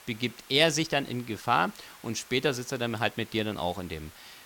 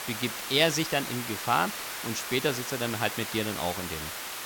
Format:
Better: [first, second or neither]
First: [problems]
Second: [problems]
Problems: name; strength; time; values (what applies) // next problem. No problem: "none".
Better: first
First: hiss; faint; throughout; 20 dB below the speech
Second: hiss; loud; throughout; 5 dB below the speech